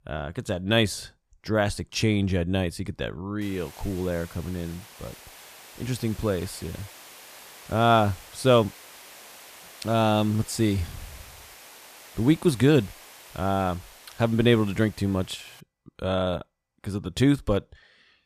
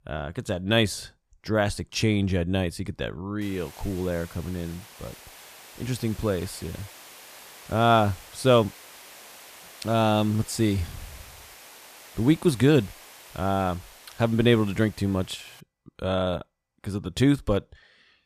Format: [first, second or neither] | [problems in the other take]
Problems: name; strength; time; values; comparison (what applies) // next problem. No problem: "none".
neither | hiss; noticeable; from 3.5 to 16 s; 20 dB below the speech; the same in both